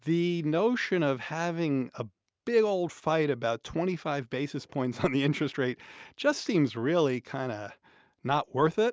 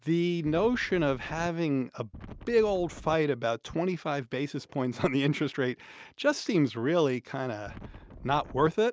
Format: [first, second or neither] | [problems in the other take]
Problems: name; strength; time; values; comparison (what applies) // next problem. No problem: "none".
first | background sound (Wind); 16 dB below the speech